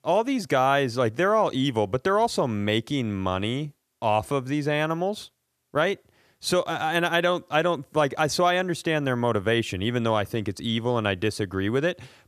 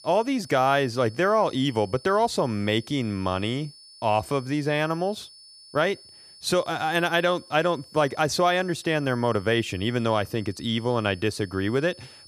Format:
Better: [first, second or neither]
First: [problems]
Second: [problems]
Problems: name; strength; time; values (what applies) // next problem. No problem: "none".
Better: first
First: none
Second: high-pitched whine; faint; throughout; 5 kHz, 20 dB below the speech